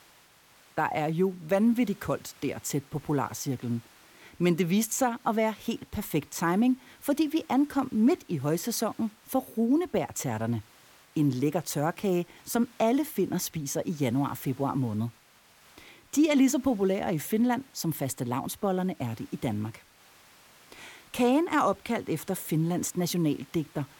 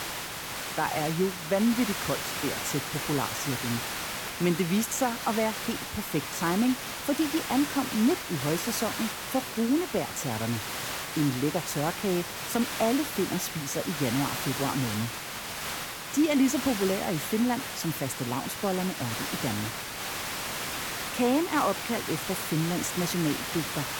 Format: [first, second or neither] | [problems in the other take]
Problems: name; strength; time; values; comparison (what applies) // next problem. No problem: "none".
first | hiss; loud; throughout; 4 dB below the speech; faint in the first